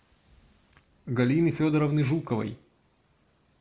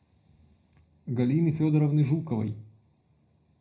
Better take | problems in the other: first | room echo; dies away in 0.4 s

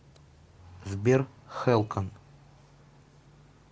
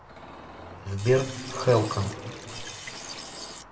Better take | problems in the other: first | background sound (Liquid); 11 dB below the speech // room echo; dies away in 2.2 s

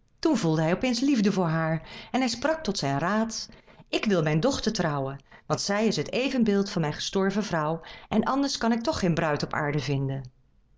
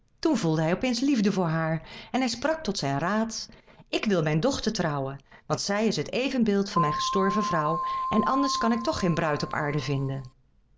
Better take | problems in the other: first | background sound (Keyboard (musical)); 4 dB below the speech

